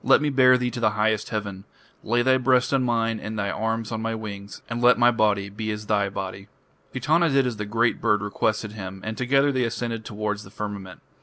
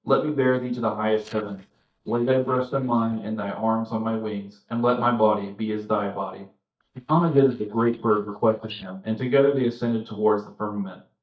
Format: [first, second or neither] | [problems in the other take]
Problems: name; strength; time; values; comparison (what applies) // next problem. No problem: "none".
first | noise reduction (neural mask model DeepFilterNet 3)